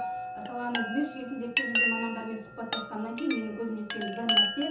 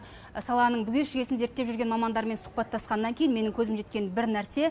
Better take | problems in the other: second | background sound (Chime); 2 dB above the speech // room echo; dies away in 0.7 s

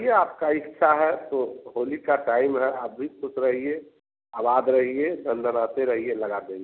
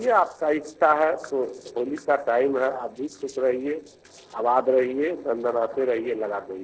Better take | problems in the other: first | noise reduction (neural separator model SepFormer DNS4)

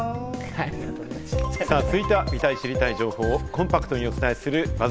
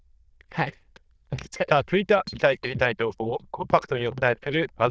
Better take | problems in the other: first | noise reduction (neural diffusion model UNIVERSE++)

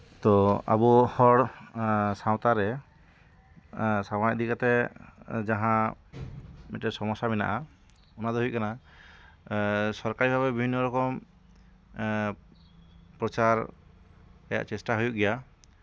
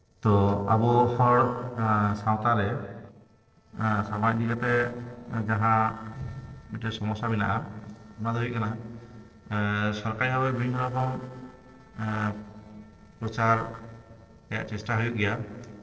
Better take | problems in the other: first | noise reduction (neural separator model SepFormer DNS4)

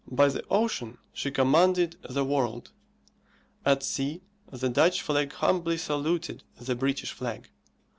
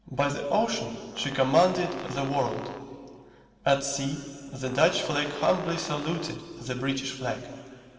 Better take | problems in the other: first | background sound (Brass instrument); 14 dB below the speech // room echo; dies away in 2.3 s

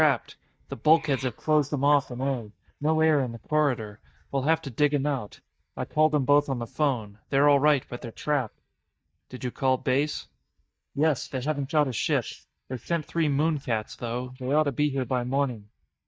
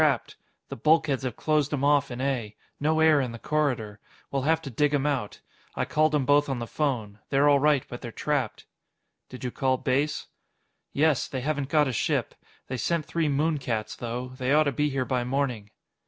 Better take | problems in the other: second | noise reduction (neural mask model DeepFilterNet 3)

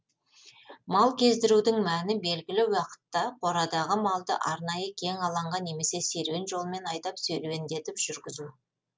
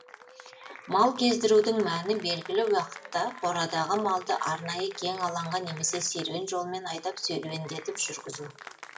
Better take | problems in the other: first | background sound (Applause / Cheering); 17 dB below the speech // room echo; dies away in 0.5 s

